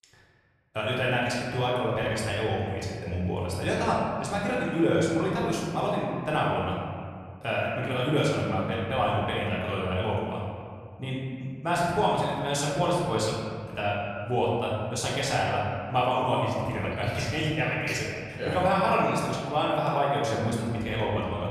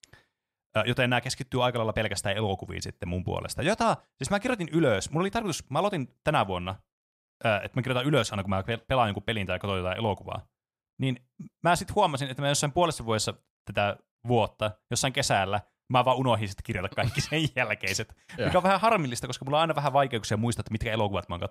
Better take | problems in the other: second | room echo; noticeable; dies away in 2 s // off-mic speech; far

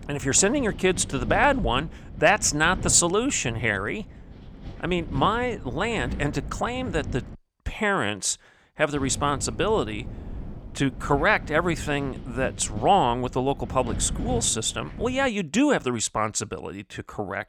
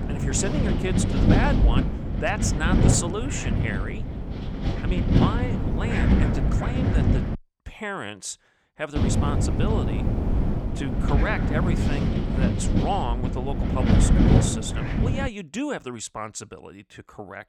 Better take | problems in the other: first | wind noise on the microphone; heavy; until 7.5 s and from 9 to 15 s; as loud as the speech; occasional gusts in the first

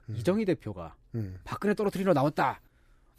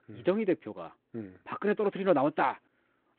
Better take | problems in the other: first | phone-call audio; nothing above 4 kHz

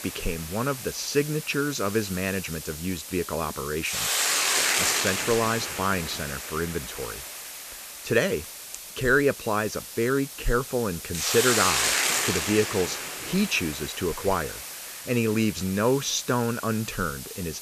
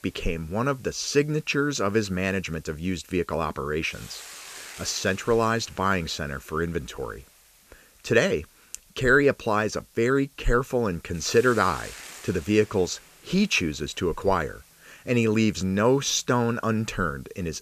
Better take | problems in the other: second | hiss; loud; throughout; 2 dB below the speech; faint in the second

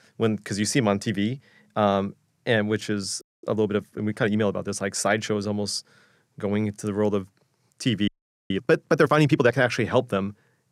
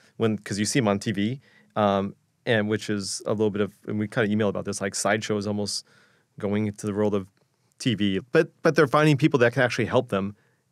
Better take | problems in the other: second | audio freezing; at 3 s and at 8 s

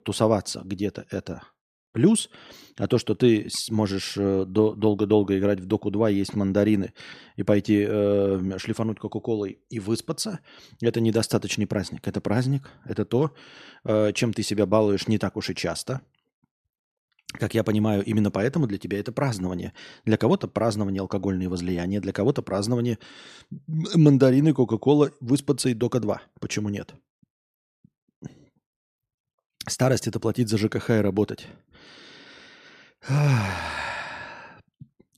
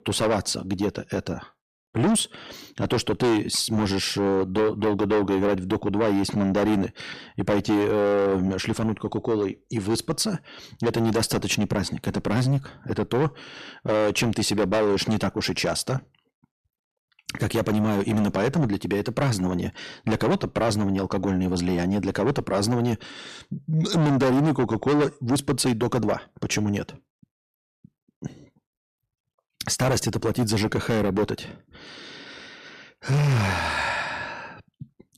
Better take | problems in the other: first | distortion; heavy; 5 dB below the speech

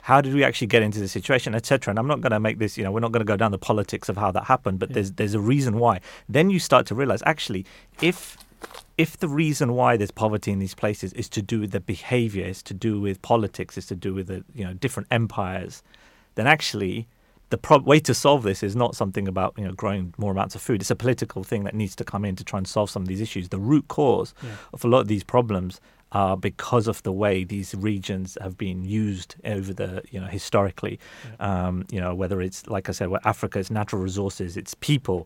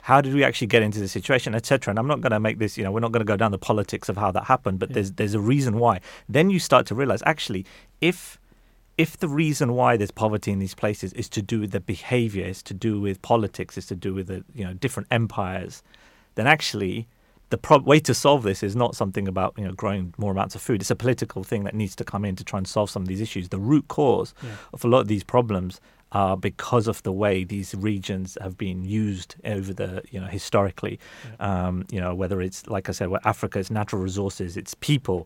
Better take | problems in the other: second | footsteps; faint; at 8 s; peak 15 dB below the speech

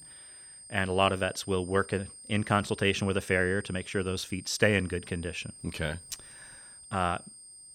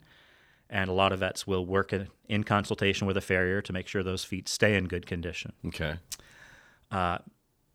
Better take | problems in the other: second | high-pitched whine; noticeable; throughout; 8.5 kHz, 15 dB below the speech

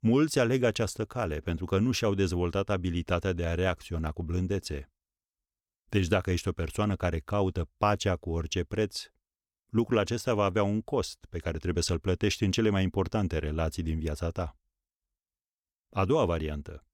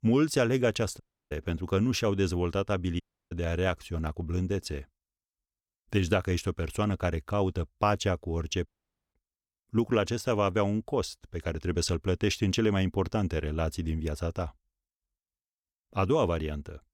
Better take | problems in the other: first | audio cutting out; at 1 s, at 3 s and at 8.5 s

